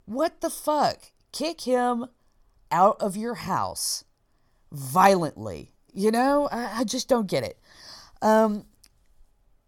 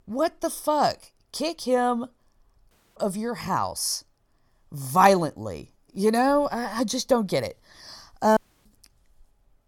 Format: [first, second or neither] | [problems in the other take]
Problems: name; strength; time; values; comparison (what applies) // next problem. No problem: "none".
first | audio cutting out; at 2.5 s and at 8.5 s